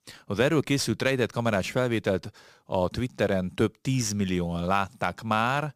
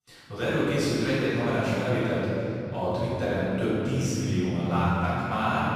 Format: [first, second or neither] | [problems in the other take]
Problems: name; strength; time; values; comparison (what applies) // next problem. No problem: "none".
first | room echo; strong; dies away in 3 s // off-mic speech; far